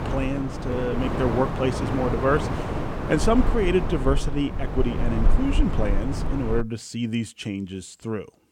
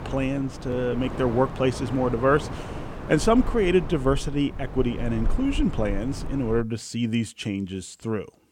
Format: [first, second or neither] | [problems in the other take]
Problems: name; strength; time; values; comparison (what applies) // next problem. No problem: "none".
second | wind noise on the microphone; heavy; until 6.5 s; 4 dB below the speech; occasional gusts in the second